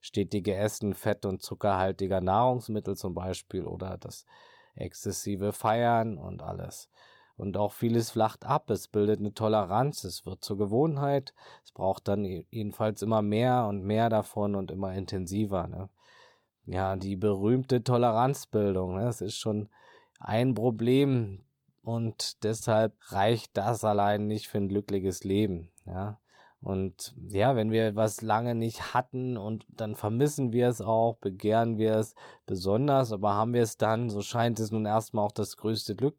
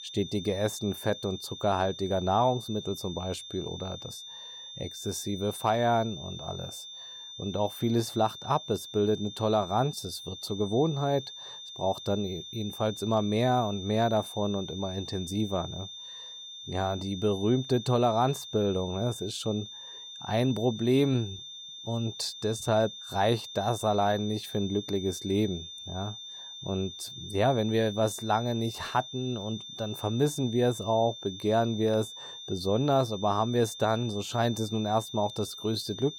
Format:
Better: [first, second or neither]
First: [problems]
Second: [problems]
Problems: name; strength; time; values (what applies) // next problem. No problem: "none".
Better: first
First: none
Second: high-pitched whine; noticeable; throughout; 3.5 kHz, 10 dB below the speech